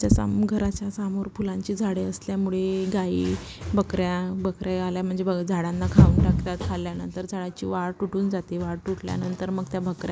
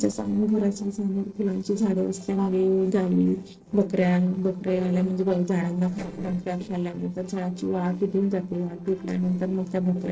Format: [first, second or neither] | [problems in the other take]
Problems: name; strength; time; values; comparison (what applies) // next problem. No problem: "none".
first | noise reduction (neural separator model SepFormer DNS4)